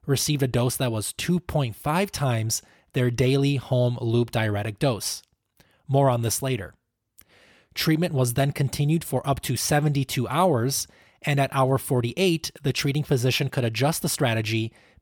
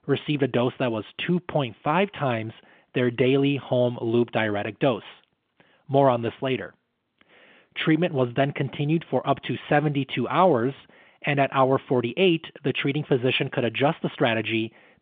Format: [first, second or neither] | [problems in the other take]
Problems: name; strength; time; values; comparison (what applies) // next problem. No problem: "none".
first | phone-call audio; nothing above 3.5 kHz